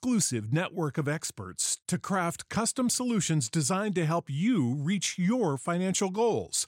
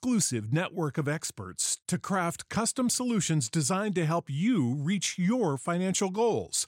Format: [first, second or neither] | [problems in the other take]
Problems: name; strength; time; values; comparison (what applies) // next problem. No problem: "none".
neither | none